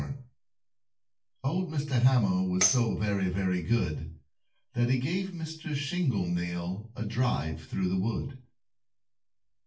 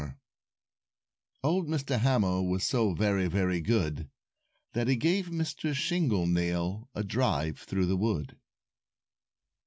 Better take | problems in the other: second | background sound (Tambourine); 4 dB below the speech // room echo; dies away in 0.3 s

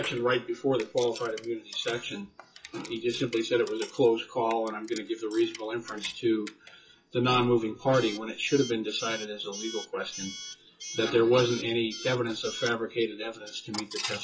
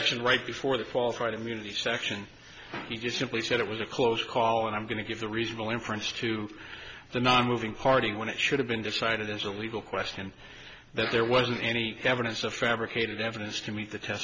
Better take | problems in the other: second | noise reduction (classical method WPE with log-MMSE)

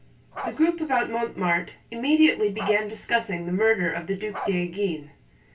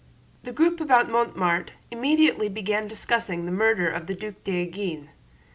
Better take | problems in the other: second | background sound (Bark); 13 dB below the speech // room echo; dies away in 0.2 s

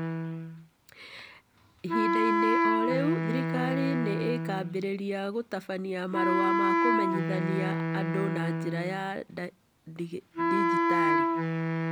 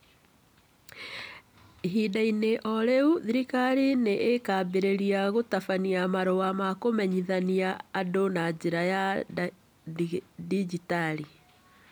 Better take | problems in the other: second | background sound (Wind instrument, woodwind instrument); 4 dB above the speech

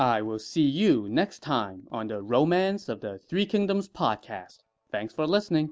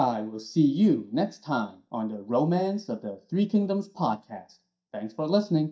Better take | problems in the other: first | noise reduction (neural mask model DeepFilterNet 3)

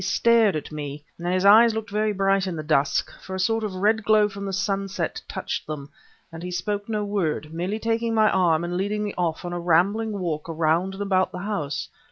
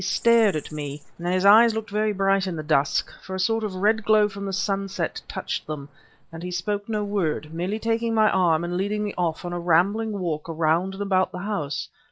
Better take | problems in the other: first | noise reduction (neural mask model DeepFilterNet 3)

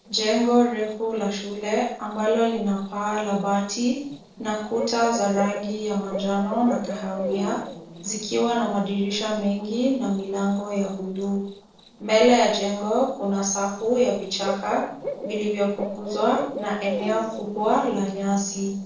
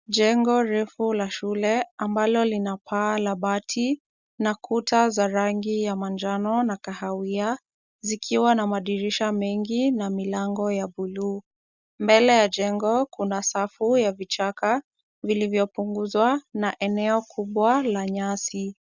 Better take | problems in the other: second | noise reduction (neural separator model SepFormer DNS4)

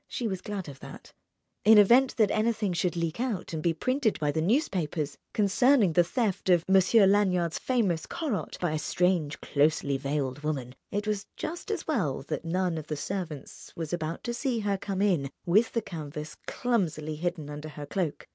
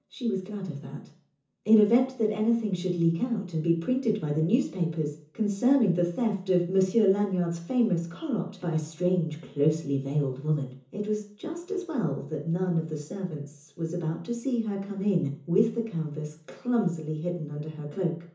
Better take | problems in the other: first | room echo; dies away in 0.6 s

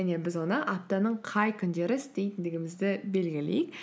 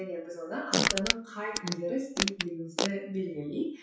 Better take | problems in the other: first | noise reduction (classical method WPE with log-MMSE)

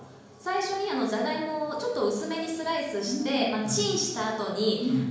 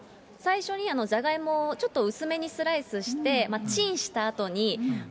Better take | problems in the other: second | room echo; dies away in 1 s

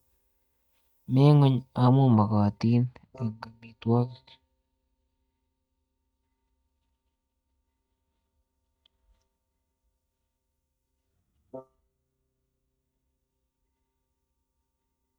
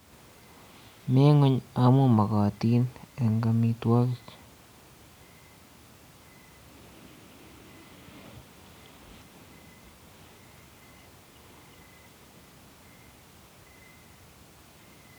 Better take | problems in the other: second | noise reduction (neural mask model DeepFilterNet 3)

